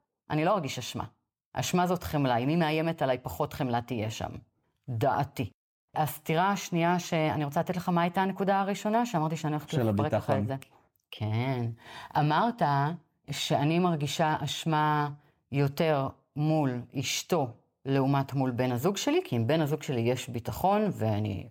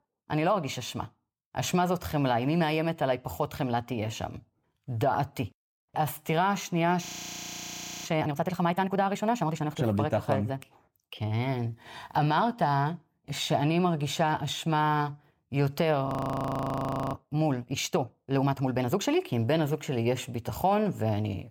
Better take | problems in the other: first | audio freezing; at 7 s for 1 s and at 16 s for 1 s

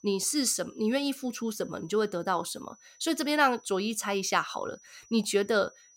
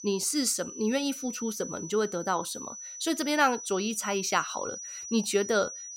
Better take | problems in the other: first | high-pitched whine; loud; throughout; 6 kHz, 10 dB below the speech; faint in the first

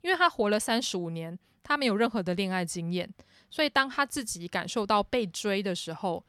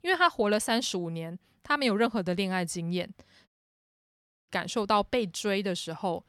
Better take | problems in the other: first | audio cutting out; at 3.5 s for 1 s

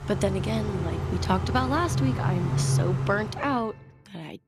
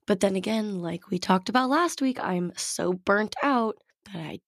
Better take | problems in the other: second | traffic noise; very loud; until 3.5 s; as loud as the speech

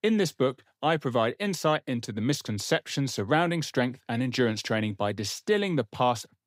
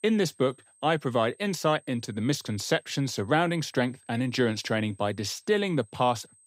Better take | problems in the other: first | high-pitched whine; faint; throughout; 8.5 kHz, 30 dB below the speech

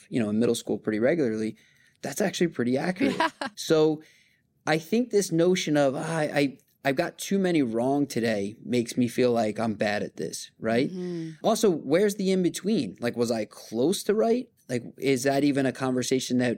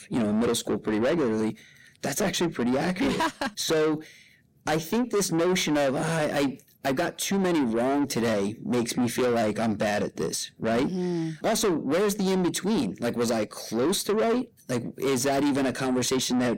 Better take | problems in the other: first | distortion; heavy; 7 dB below the speech

